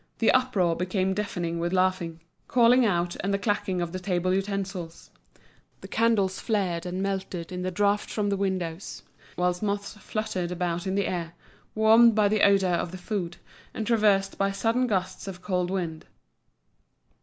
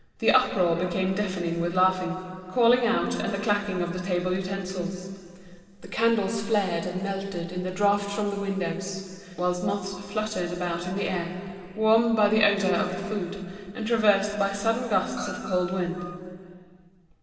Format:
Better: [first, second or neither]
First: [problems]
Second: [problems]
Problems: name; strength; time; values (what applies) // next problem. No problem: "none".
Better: first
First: none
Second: background sound (Screech); 14 dB below the speech // room echo; dies away in 2.5 s